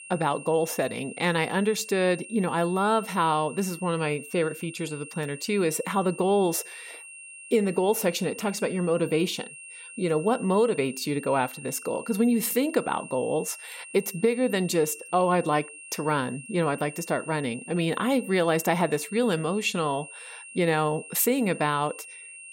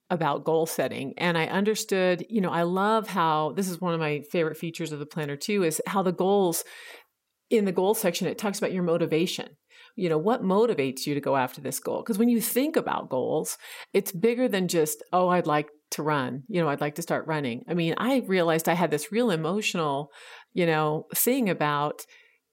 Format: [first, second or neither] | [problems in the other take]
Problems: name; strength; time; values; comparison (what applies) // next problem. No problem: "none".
second | high-pitched whine; noticeable; throughout; 2.5 kHz, 15 dB below the speech